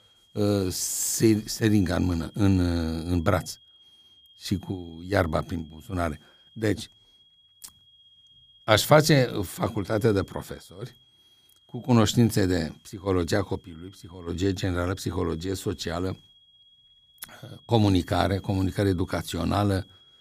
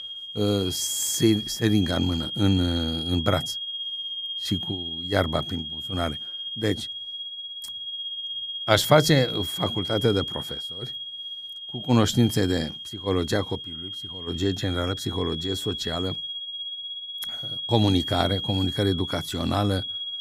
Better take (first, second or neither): first